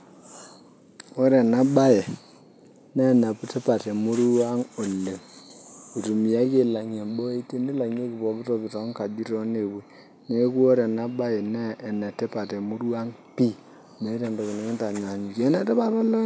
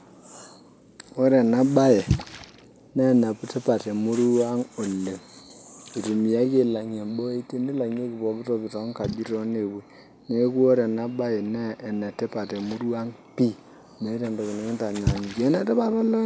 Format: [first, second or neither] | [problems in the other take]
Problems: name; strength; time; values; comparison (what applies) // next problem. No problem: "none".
first | background sound (Splash, splatter); 14 dB below the speech